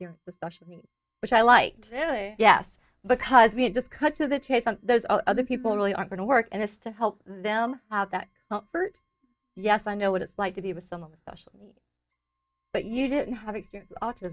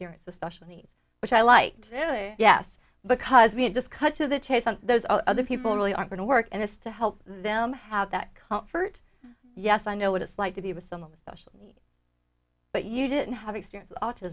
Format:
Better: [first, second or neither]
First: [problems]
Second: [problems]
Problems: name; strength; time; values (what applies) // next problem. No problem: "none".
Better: second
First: noise reduction (neural mask model DeepFilterNet 3)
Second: none